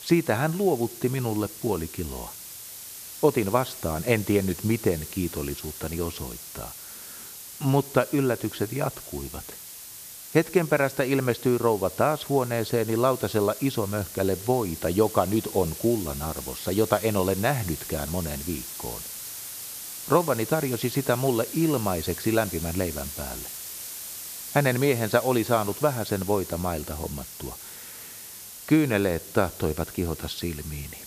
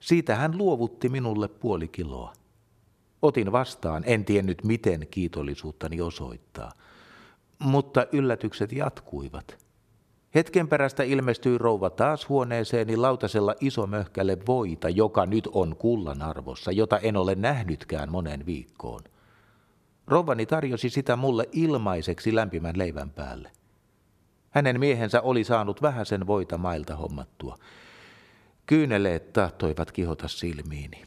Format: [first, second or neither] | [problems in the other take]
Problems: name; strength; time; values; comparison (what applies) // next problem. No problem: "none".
second | hiss; noticeable; throughout; 10 dB below the speech